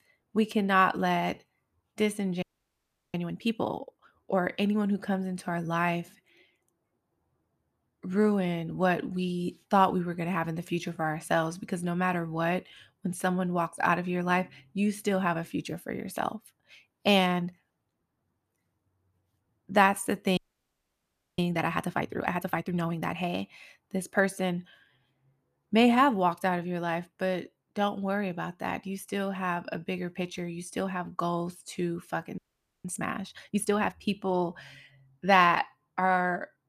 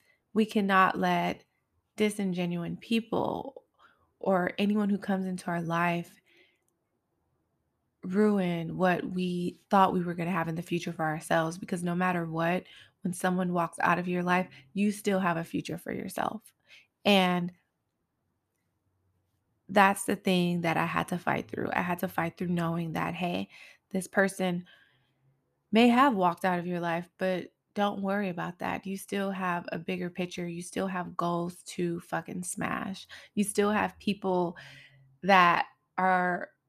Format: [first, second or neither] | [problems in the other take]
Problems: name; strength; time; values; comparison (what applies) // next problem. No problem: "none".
second | audio freezing; at 2.5 s for 0.5 s, at 20 s for 1 s and at 32 s